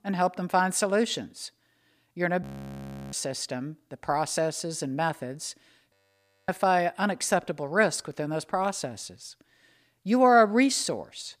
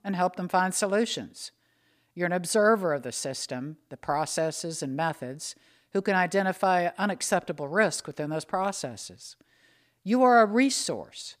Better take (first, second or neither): second